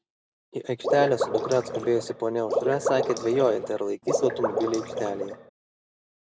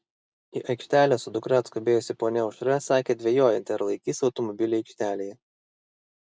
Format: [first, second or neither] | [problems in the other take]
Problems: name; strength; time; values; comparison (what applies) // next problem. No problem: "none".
second | background sound (Water / Liquid); 2 dB below the speech